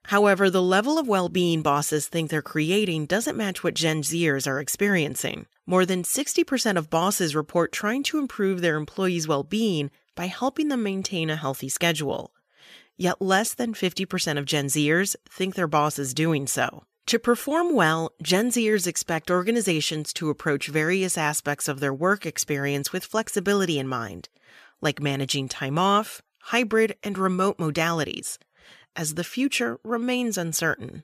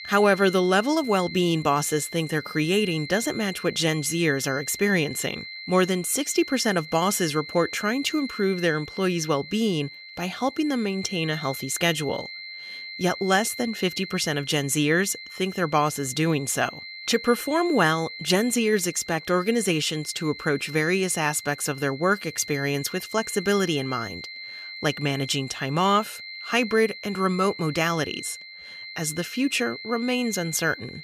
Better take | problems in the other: first | high-pitched whine; noticeable; throughout; 2 kHz, 10 dB below the speech

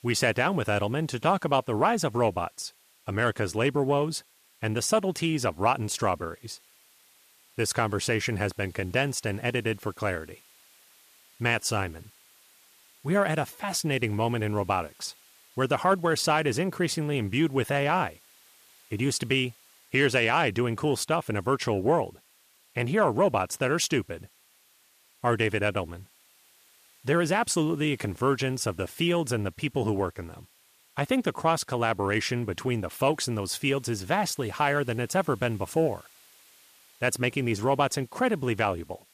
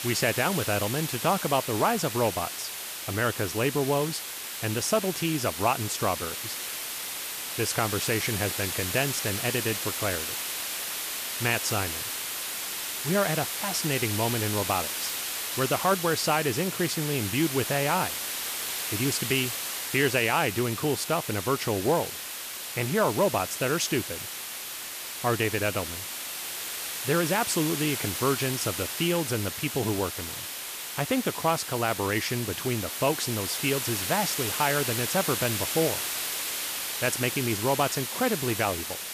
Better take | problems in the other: first | hiss; loud; throughout; 3 dB below the speech; faint in the first

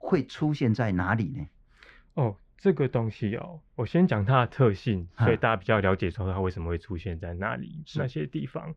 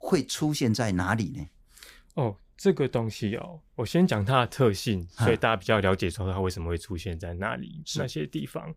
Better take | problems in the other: second | muffled; slightly; fading above 2 kHz

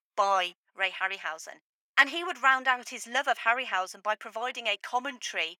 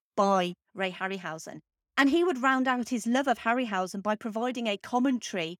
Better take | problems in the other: second | thin; very; fading below 800 Hz

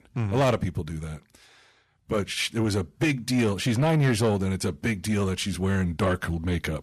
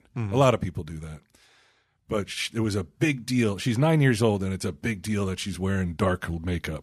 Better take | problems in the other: second | distortion; slight; 10 dB below the speech

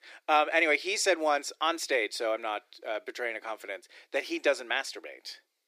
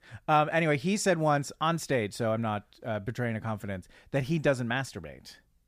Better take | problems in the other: second | thin; very; fading below 300 Hz

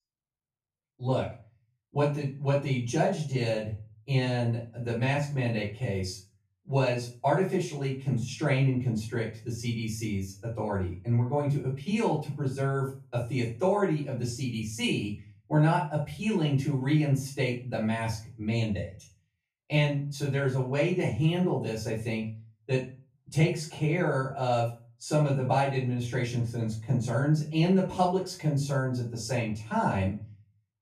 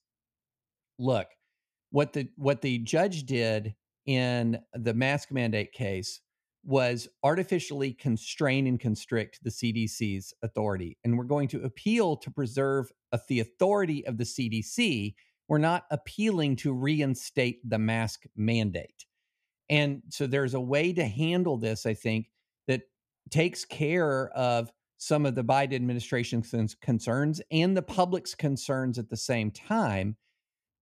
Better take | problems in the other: second | room echo; slight; dies away in 0.3 s // off-mic speech; far

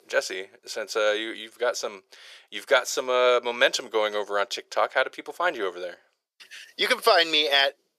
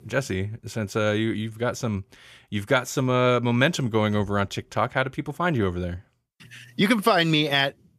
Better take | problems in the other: second | thin; very; fading below 450 Hz

